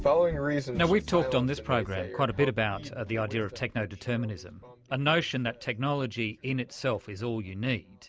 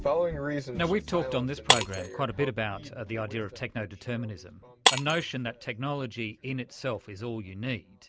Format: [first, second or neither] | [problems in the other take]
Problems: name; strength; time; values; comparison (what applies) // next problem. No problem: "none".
first | background sound (Shatter); 2 dB below the speech